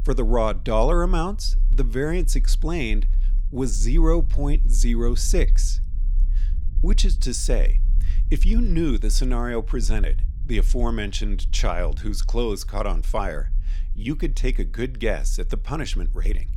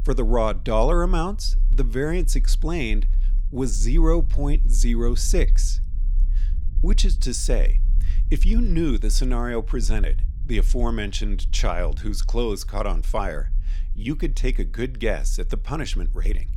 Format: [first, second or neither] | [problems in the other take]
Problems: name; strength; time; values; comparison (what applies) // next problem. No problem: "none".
neither | low rumble; faint; throughout; 20 dB below the speech; the same in both